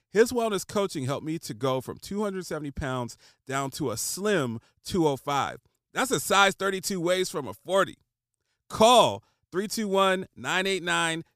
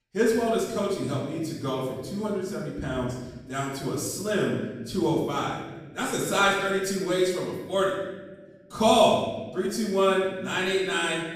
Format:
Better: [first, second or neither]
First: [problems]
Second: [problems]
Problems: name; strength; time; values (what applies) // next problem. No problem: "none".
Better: first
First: none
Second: off-mic speech; far // room echo; noticeable; dies away in 1.2 s